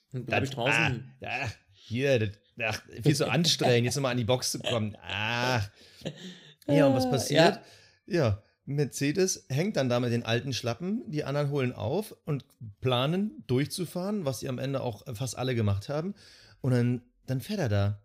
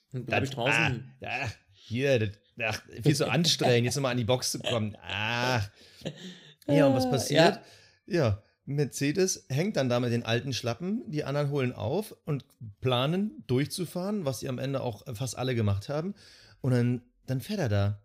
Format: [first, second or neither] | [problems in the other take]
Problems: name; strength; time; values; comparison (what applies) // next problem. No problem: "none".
neither | none